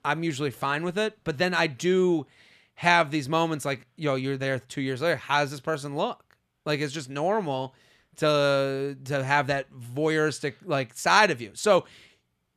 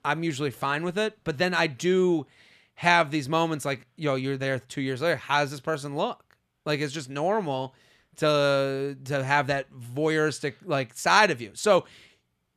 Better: neither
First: none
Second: none

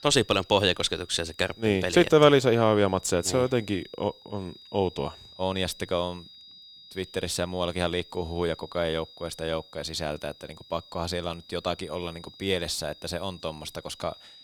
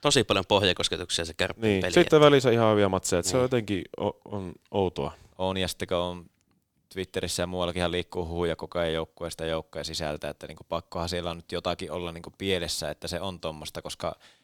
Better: second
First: high-pitched whine; faint; throughout; 4 kHz, 20 dB below the speech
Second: none

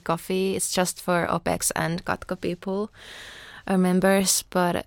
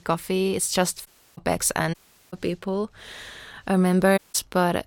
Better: first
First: none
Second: audio cutting out; at 1 s, at 2 s and at 4 s

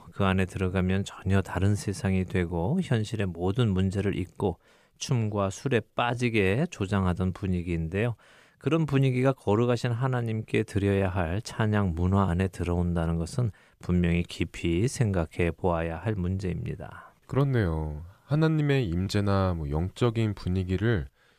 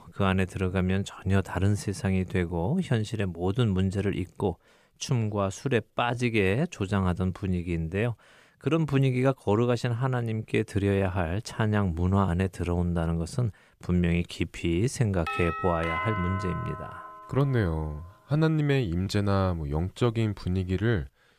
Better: first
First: none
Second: doorbell; noticeable; from 15 to 18 s; peak 3 dB below the speech

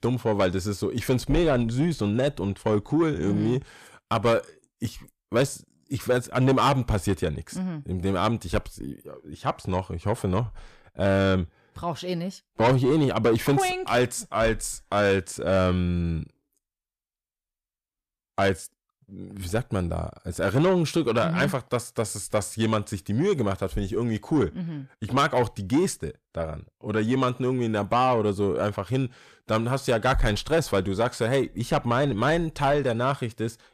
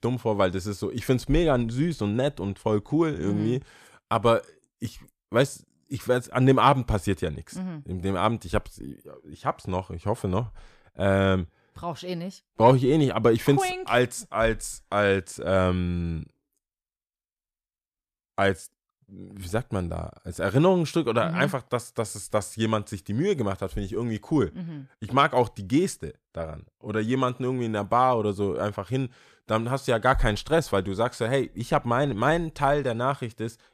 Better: second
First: distortion; slight; 10 dB below the speech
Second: none

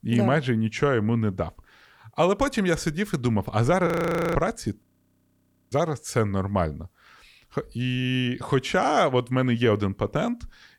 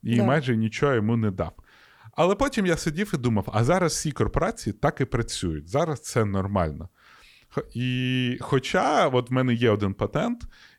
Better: second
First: audio freezing; at 4 s and at 5 s for 1 s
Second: none

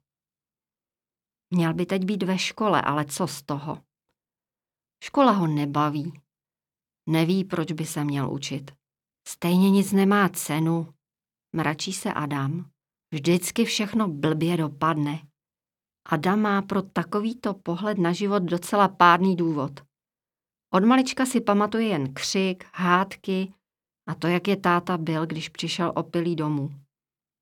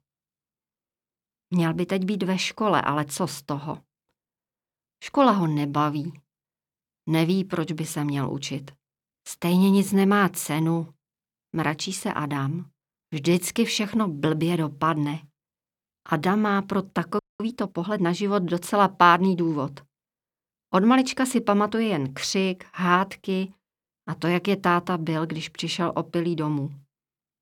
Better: first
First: none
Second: audio freezing; at 17 s

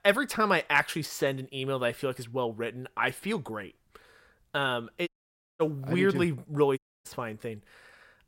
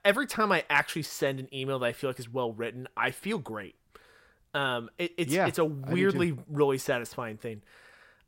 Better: second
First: audio cutting out; at 5 s for 0.5 s and at 7 s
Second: none

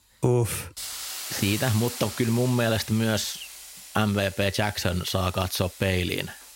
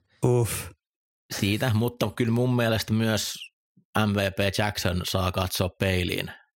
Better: second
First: hiss; noticeable; throughout; 10 dB below the speech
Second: none

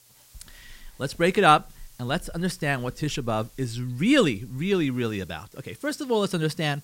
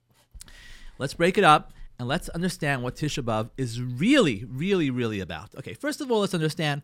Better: second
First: hiss; faint; throughout; 30 dB below the speech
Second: none

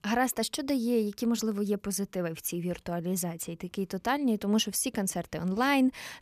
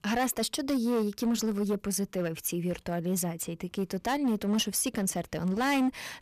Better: first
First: none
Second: distortion; slight; 10% of the sound clipped

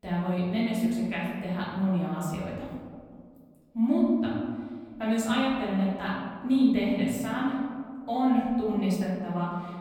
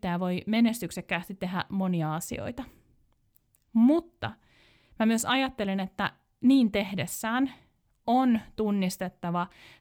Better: second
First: room echo; noticeable; dies away in 1.8 s // off-mic speech; far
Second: none

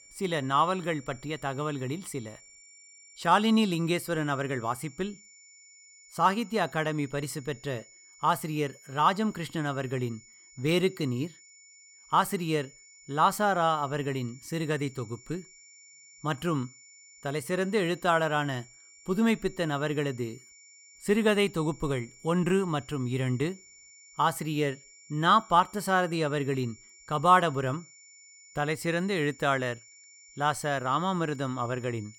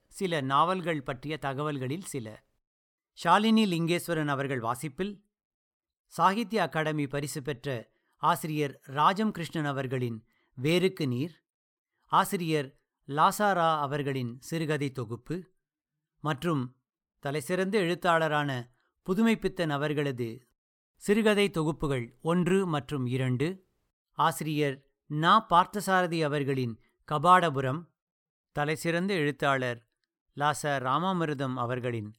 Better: second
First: high-pitched whine; faint; throughout; 7 kHz, 25 dB below the speech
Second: none

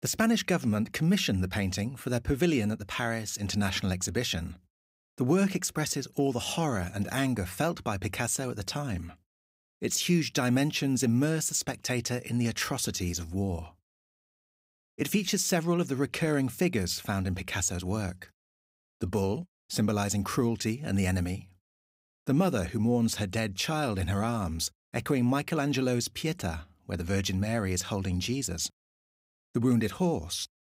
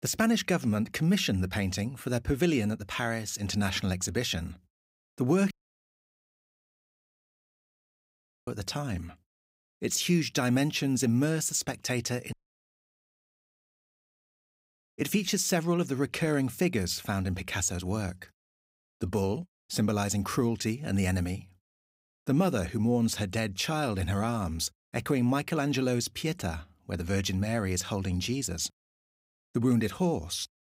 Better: first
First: none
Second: audio cutting out; at 5.5 s for 3 s and at 12 s for 2 s

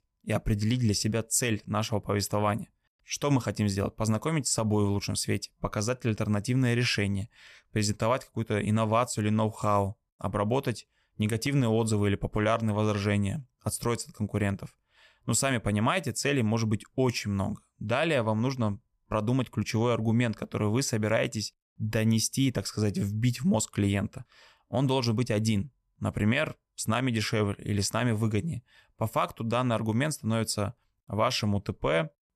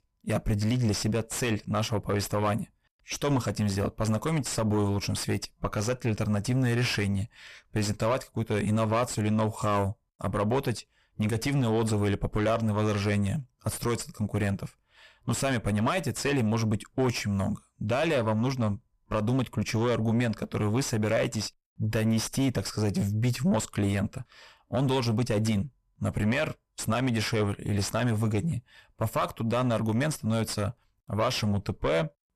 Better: first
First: none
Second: distortion; heavy; 7 dB below the speech

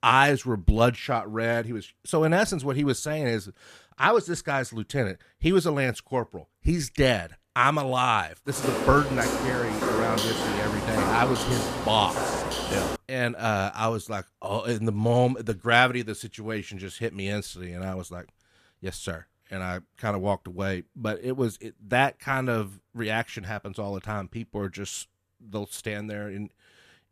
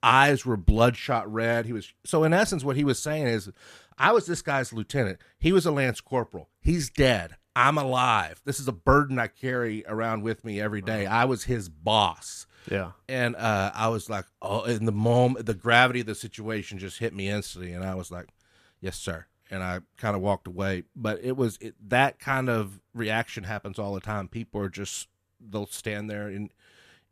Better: second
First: footsteps; loud; from 8.5 to 13 s; peak 1 dB above the speech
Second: none

